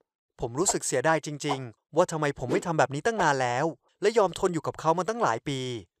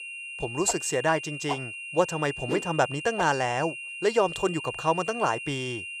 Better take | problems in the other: first | high-pitched whine; loud; throughout; 3 kHz, 8 dB below the speech

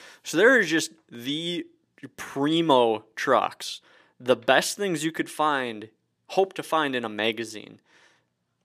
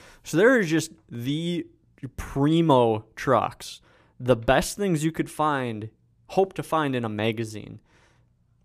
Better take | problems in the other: second | thin; very slightly; fading below 250 Hz

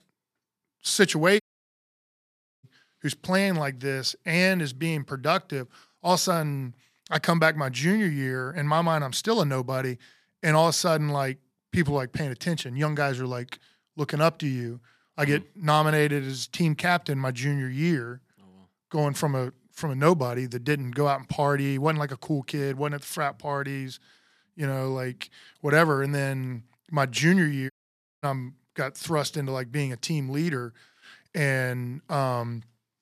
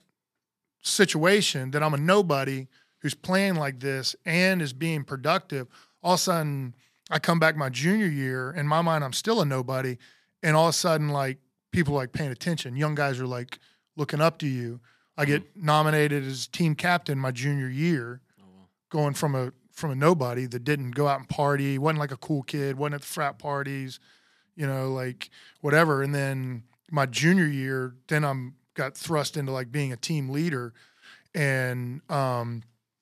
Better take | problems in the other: second | audio cutting out; at 1.5 s for 1 s and at 28 s for 0.5 s

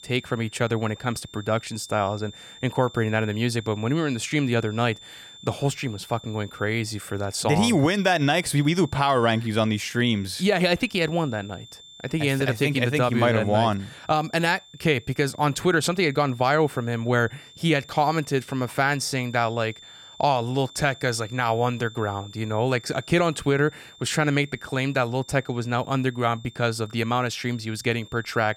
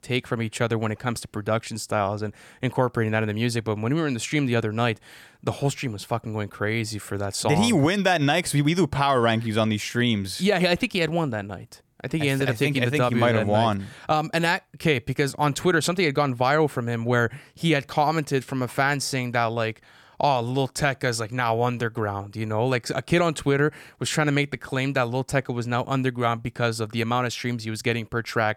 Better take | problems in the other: second | high-pitched whine; faint; throughout; 3.5 kHz, 20 dB below the speech

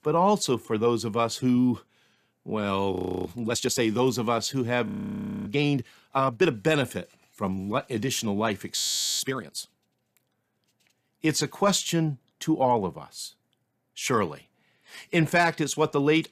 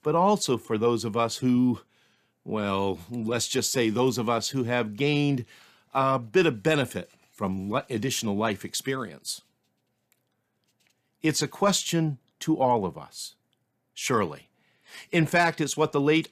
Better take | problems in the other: second | audio freezing; at 3 s, at 5 s for 0.5 s and at 9 s

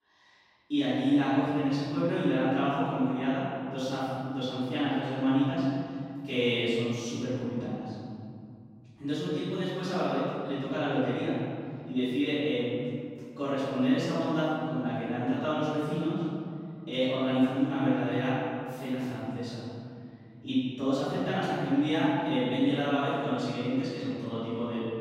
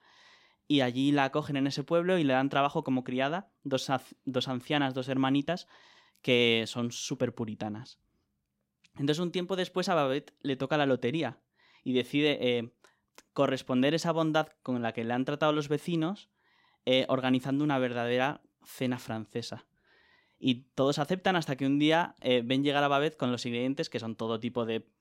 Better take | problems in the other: second | room echo; strong; dies away in 3 s // off-mic speech; far

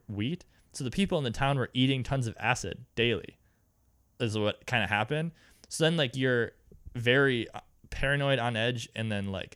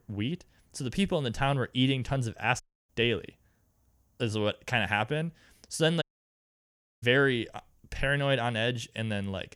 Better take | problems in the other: first | audio cutting out; at 2.5 s and at 6 s for 1 s

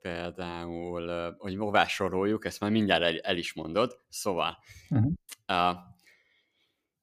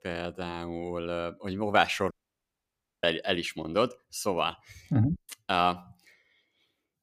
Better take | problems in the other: first | audio cutting out; at 2 s for 1 s

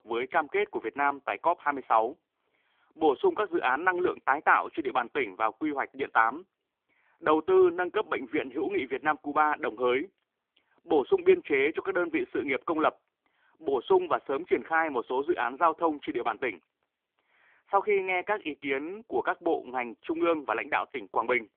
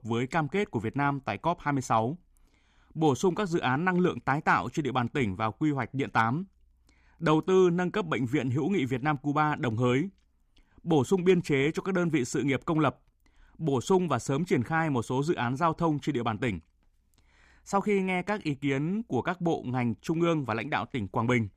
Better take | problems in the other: second | phone-call audio; poor line; nothing above 3.5 kHz

